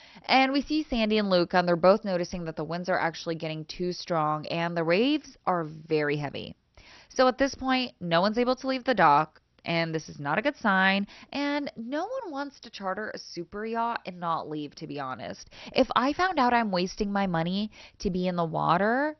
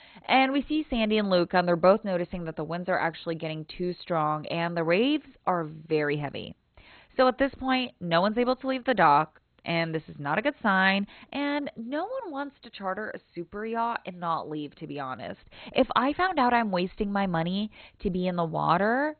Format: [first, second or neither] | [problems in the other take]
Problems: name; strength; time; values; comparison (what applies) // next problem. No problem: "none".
first | garbled, watery; badly; nothing above 4 kHz; slightly in the first